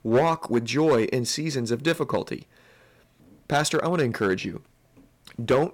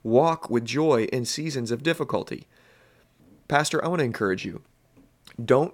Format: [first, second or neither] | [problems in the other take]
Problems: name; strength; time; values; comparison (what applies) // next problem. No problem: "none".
second | distortion; slight; 3% of the sound clipped